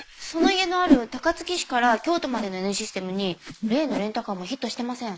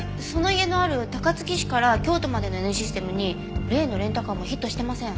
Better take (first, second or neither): second